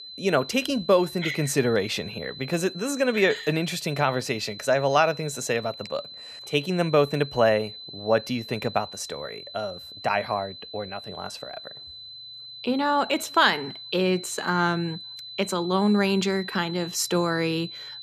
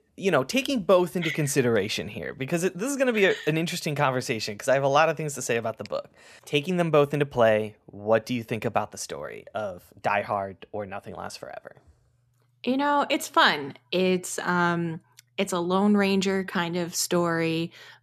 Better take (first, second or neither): second